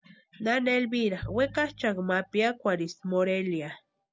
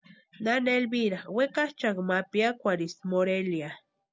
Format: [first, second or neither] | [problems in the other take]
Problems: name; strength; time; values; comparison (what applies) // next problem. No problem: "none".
second | background sound (Piano); 17 dB below the speech